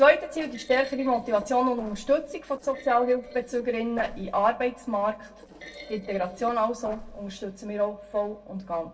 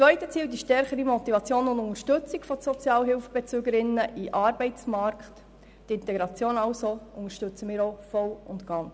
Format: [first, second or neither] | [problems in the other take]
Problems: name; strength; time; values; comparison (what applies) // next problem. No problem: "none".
second | noise reduction (neural separator model SepFormer DNS4)